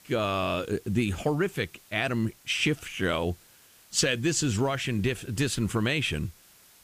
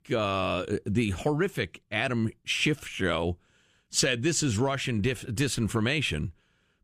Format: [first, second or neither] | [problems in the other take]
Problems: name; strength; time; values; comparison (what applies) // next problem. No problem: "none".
second | hiss; faint; throughout; 25 dB below the speech